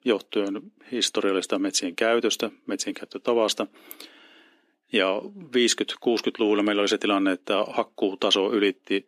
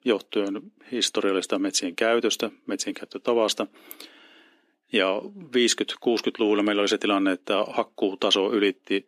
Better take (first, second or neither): neither